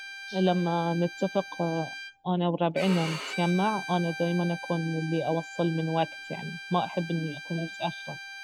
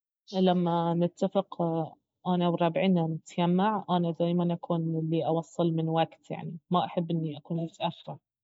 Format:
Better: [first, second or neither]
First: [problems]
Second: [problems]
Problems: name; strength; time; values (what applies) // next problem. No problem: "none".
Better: second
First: background sound (Bowed string instrument); 12 dB below the speech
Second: none